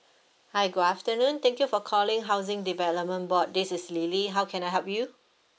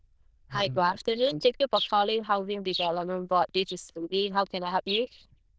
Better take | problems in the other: first | noise reduction (neural diffusion model UNIVERSE++)

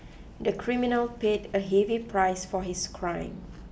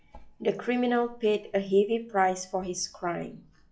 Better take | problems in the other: first | noise reduction (classical method log-MMSE)

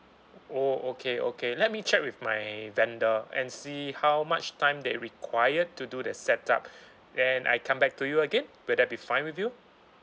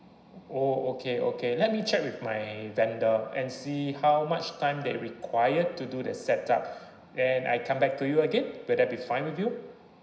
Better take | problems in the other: first | room echo; dies away in 0.9 s

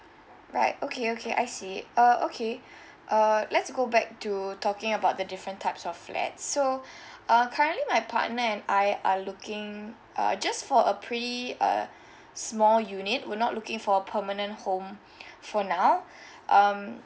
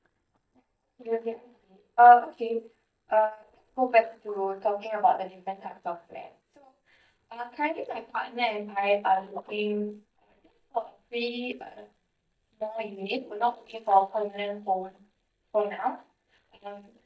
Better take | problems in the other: first | noise reduction (neural mask model DeepFilterNet 3)

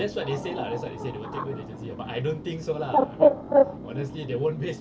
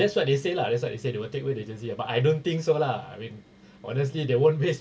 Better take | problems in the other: second | background sound (Bird); 5 dB above the speech

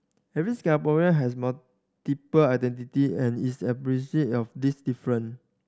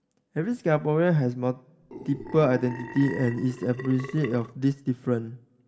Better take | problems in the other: first | background sound (Burping, eructation); 13 dB below the speech // room echo; dies away in 0.5 s

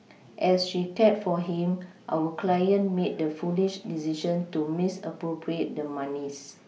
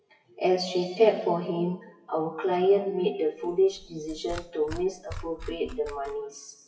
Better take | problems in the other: first | noise reduction (classical method WPE with log-MMSE)

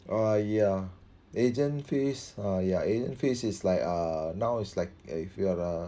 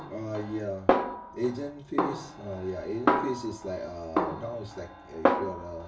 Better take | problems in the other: first | background sound (Snare drum); 4 dB above the speech // room echo; dies away in 0.2 s

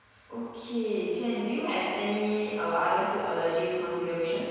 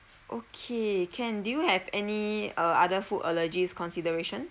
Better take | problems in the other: second | room echo; dies away in 1.9 s

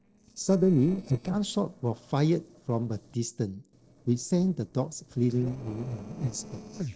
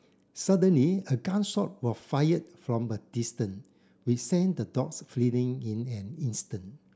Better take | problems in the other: second | noise reduction (neural separator model SepFormer DNS4)

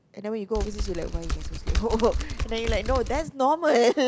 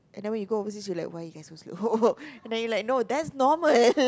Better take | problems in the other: second | background sound (Typing); 3 dB below the speech

